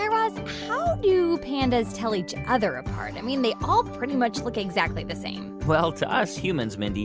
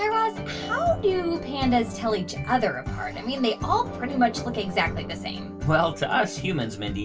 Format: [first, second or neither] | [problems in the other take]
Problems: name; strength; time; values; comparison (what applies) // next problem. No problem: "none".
first | background sound (Brass instrument); 16 dB below the speech // room echo; dies away in 0.2 s